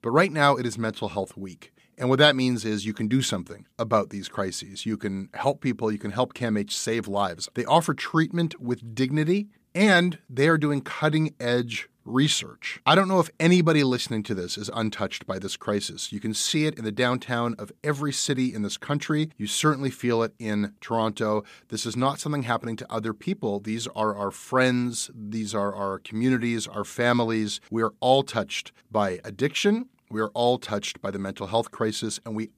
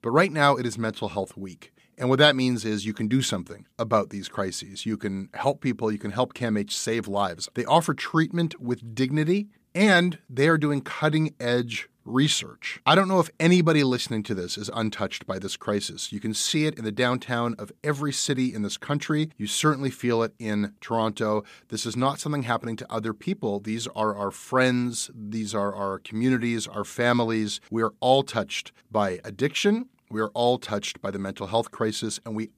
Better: neither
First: none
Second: none

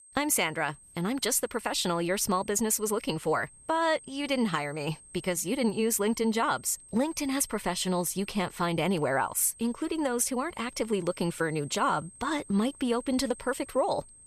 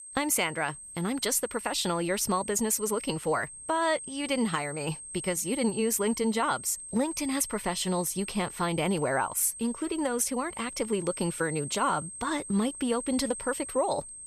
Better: first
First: high-pitched whine; faint; throughout; 8.5 kHz, 20 dB below the speech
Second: high-pitched whine; loud; throughout; 8.5 kHz, 10 dB below the speech

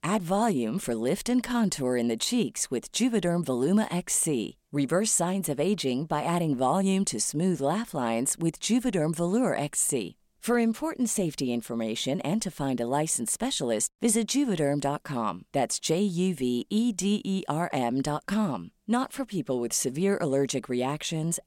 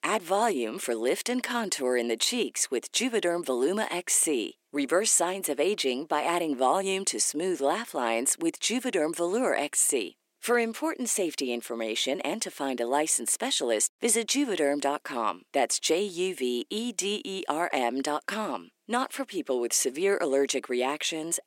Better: first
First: none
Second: thin; somewhat; fading below 300 Hz

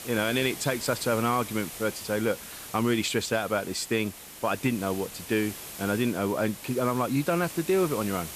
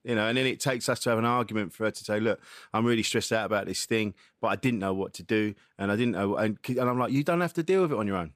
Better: second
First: hiss; noticeable; throughout; 10 dB below the speech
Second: none

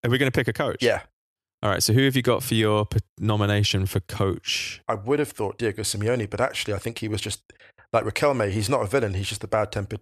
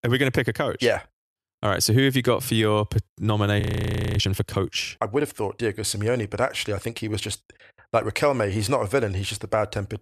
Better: first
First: none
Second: audio freezing; at 3.5 s for 0.5 s

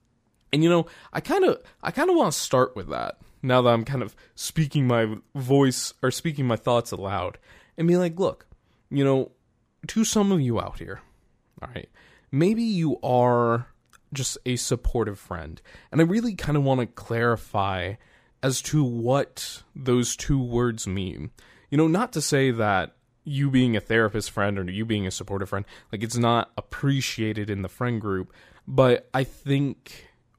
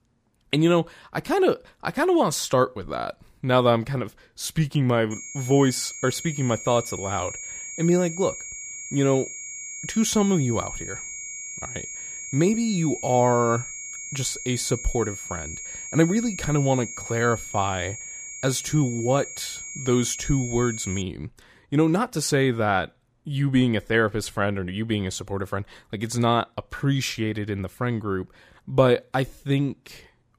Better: first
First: none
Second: high-pitched whine; loud; from 5 to 21 s; 6.5 kHz, 9 dB below the speech

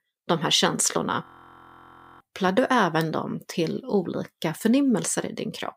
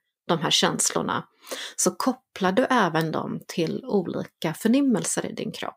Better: second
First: audio freezing; at 1.5 s for 1 s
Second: none

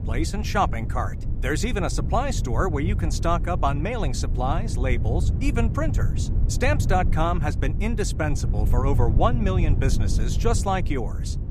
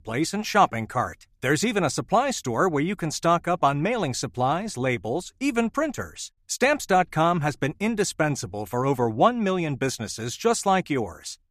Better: second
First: low rumble; noticeable; throughout; 10 dB below the speech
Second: none

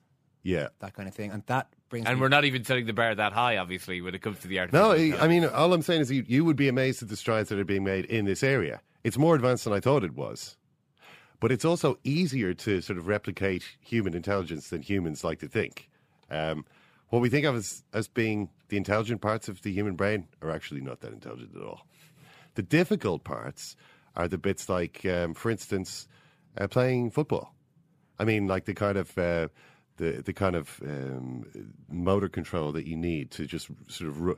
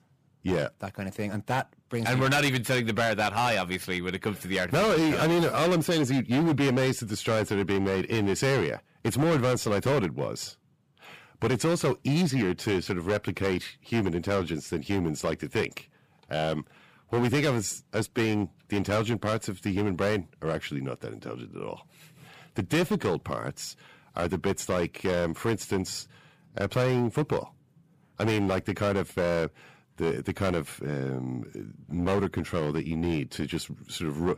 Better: first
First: none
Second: distortion; heavy; 11% of the sound clipped

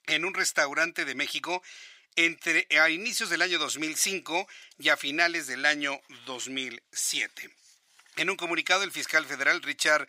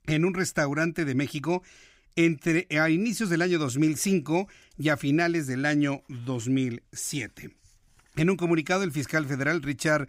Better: second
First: thin; very; fading below 700 Hz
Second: none

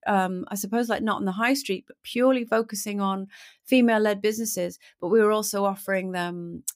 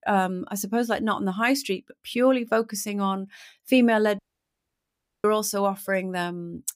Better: first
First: none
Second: audio cutting out; at 4 s for 1 s

